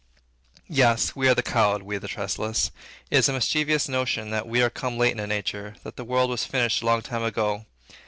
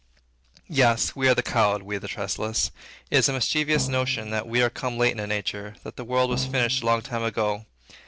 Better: first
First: none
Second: background sound (Drum); 10 dB below the speech

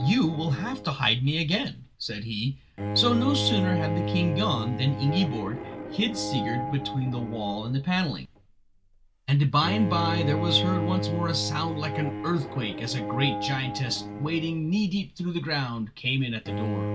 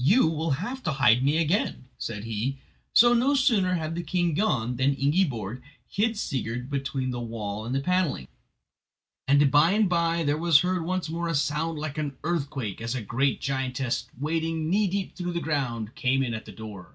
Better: second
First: background sound (Bowed string instrument); 5 dB below the speech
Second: none

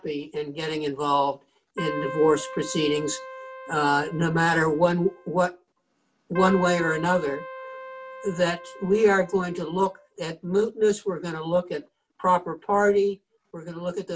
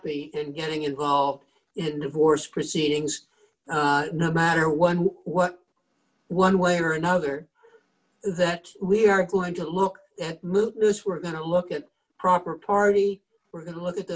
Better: second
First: background sound (Keyboard (musical)); 12 dB below the speech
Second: none

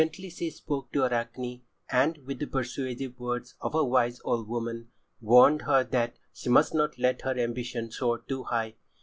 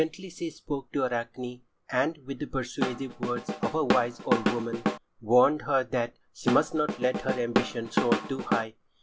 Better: first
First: none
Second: background sound (Drum / Drum kit); 1 dB below the speech

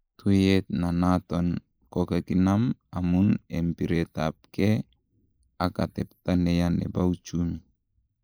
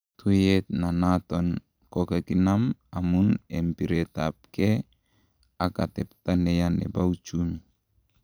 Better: second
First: noise reduction (neural mask model Resemble Enhance denoiser)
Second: none

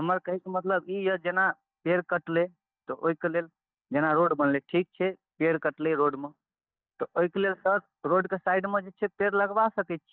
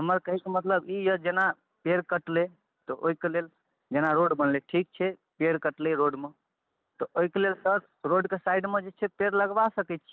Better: second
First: noise reduction (neural mask model DeepFilterNet 3)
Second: none

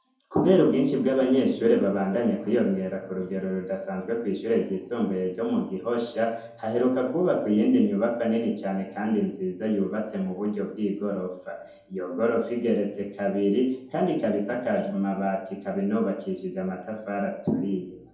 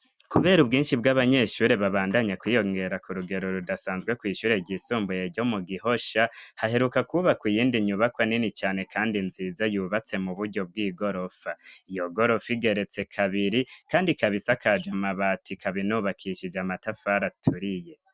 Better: second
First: room echo; dies away in 2.5 s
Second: none

